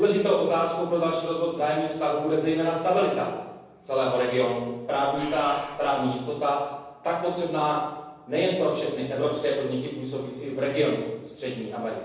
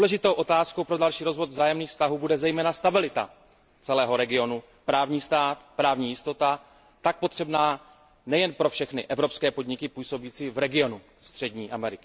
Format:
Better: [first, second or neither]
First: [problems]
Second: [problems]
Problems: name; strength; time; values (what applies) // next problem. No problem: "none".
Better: second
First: background sound (Breathing); 17 dB below the speech // room echo; dies away in 1.1 s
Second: none